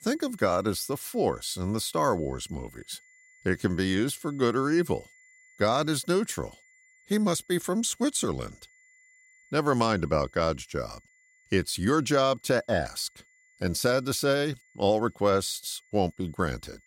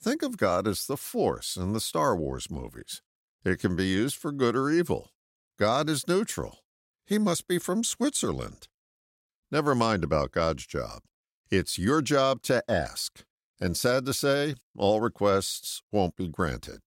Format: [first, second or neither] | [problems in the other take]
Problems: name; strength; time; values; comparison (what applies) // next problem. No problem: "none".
second | high-pitched whine; faint; throughout; 2 kHz, 30 dB below the speech